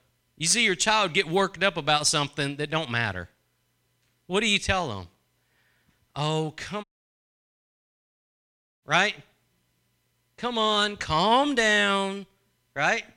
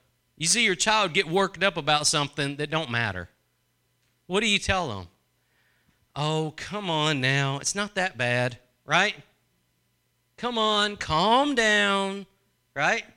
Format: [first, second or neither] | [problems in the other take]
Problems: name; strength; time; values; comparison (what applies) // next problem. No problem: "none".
second | audio cutting out; at 7 s for 2 s